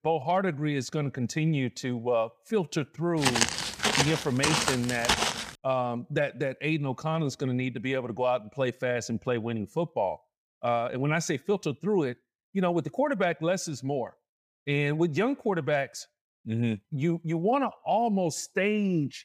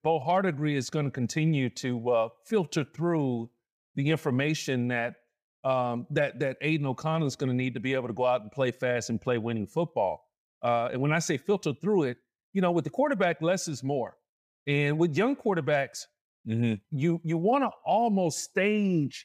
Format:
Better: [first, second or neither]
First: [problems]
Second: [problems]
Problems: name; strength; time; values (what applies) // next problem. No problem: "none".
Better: second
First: footsteps; loud; from 3 to 5.5 s; peak 4 dB above the speech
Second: none